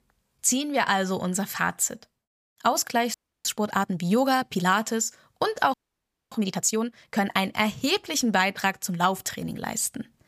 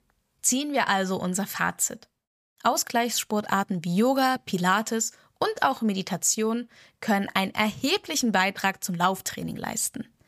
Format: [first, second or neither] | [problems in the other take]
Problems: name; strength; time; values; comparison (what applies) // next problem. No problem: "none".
second | audio freezing; at 3 s and at 5.5 s for 0.5 s